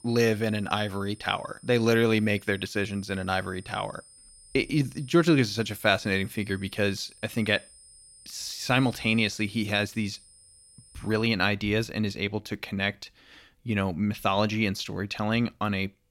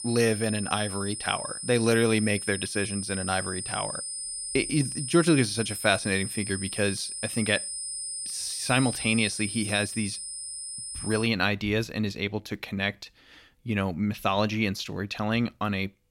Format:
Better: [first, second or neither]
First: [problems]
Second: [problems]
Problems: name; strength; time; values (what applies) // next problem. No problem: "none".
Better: first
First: high-pitched whine; faint; until 11 s; 9.5 kHz, 25 dB below the speech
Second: high-pitched whine; loud; until 11 s; 9.5 kHz, 6 dB below the speech